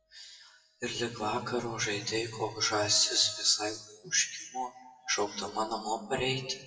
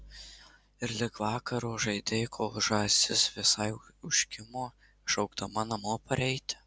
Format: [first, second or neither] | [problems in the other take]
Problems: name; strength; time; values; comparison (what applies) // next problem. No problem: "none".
second | noise reduction (classical method WPE with log-MMSE)